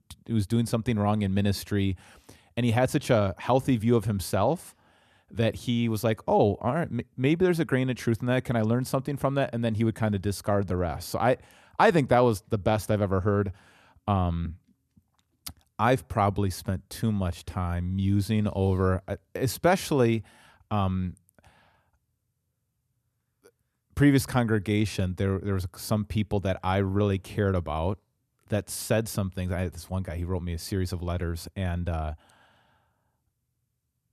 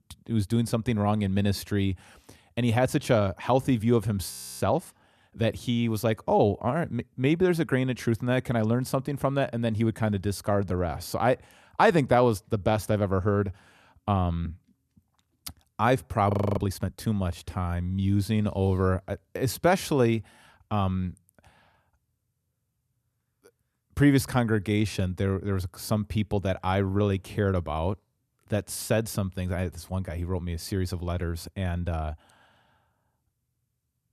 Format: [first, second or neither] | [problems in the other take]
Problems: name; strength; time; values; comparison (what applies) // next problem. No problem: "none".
first | audio freezing; at 4.5 s and at 16 s